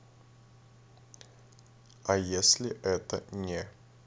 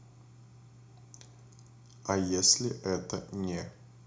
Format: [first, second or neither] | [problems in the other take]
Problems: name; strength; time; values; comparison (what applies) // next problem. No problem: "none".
first | room echo; dies away in 0.4 s